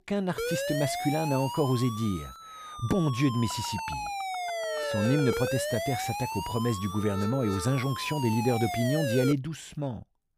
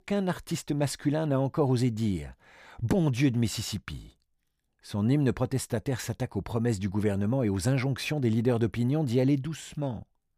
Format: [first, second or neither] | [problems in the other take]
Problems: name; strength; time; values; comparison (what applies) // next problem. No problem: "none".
second | siren; noticeable; until 9.5 s; peak 1 dB below the speech